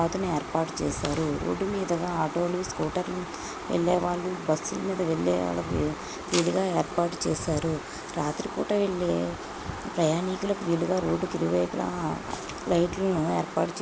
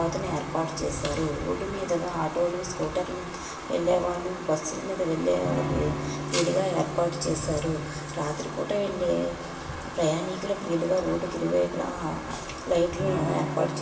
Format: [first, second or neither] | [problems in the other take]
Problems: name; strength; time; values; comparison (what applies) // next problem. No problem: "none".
first | background sound (Electric guitar / Strum); 10 dB below the speech // room echo; dies away in 1 s